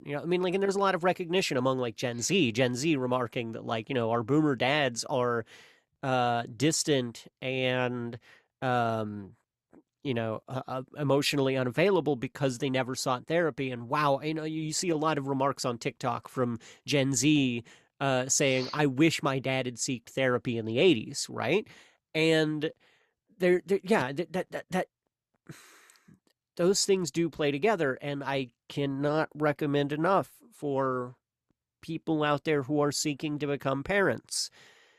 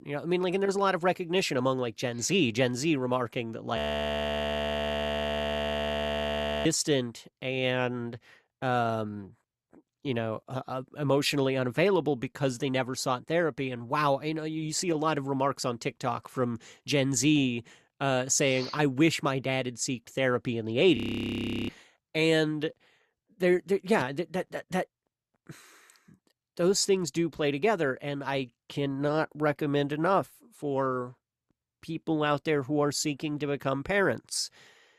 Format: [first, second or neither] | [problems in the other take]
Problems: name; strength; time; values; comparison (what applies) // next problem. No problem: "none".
first | audio freezing; at 4 s for 3 s and at 21 s for 0.5 s